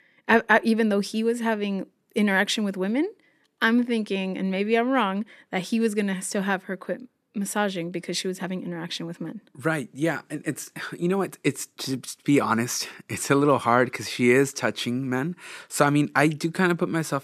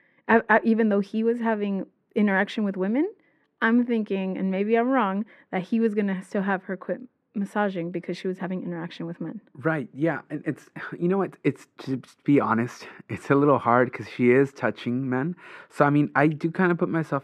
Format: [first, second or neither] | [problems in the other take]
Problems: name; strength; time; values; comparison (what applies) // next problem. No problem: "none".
first | muffled; very; fading above 3.5 kHz